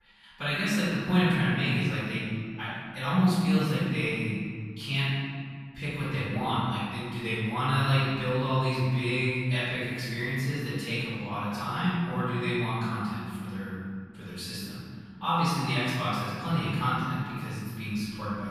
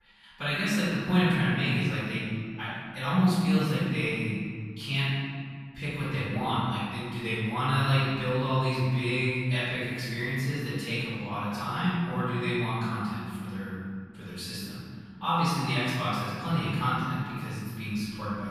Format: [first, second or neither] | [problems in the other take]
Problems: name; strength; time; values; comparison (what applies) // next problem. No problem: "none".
neither | off-mic speech; far; the same in both // room echo; strong; dies away in 2.1 s; the same in both